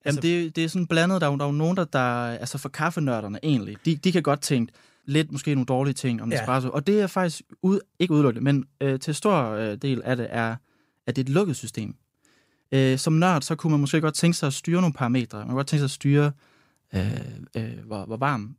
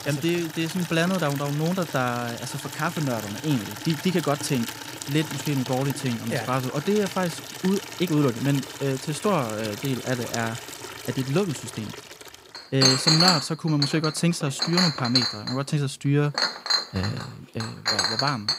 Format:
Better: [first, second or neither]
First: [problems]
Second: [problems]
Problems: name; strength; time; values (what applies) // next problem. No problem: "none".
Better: first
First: none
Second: household noises; loud; throughout; 2 dB below the speech